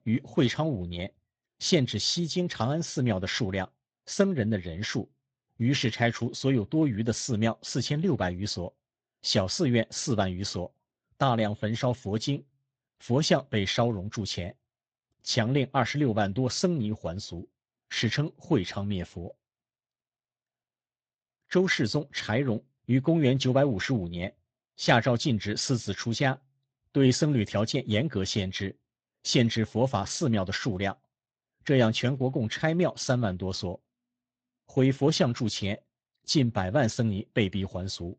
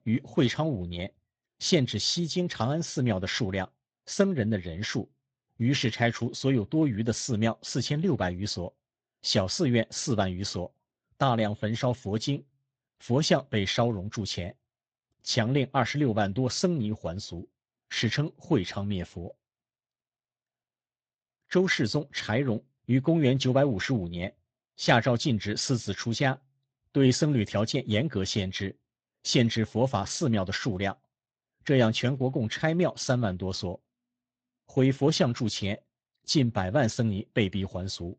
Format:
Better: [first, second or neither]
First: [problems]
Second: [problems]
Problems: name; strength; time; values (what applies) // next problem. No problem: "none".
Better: neither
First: garbled, watery; slightly; nothing above 7.5 kHz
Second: garbled, watery; slightly; nothing above 7.5 kHz